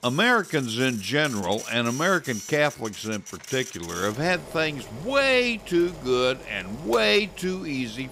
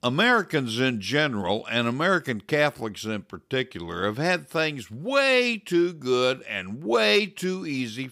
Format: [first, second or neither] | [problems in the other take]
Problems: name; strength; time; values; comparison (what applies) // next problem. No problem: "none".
second | household noises; noticeable; throughout; 15 dB below the speech